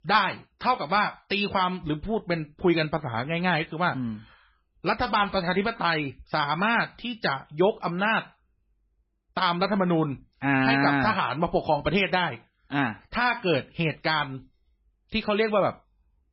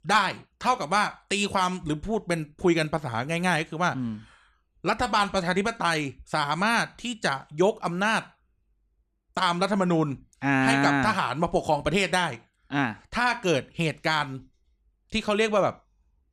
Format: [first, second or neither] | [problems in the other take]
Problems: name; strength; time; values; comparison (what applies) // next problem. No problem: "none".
second | garbled, watery; badly; nothing above 5 kHz